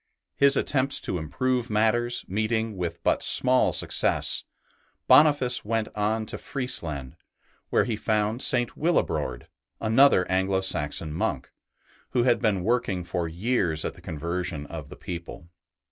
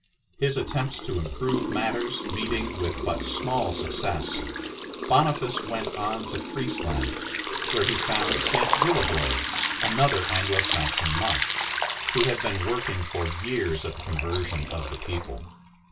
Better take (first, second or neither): first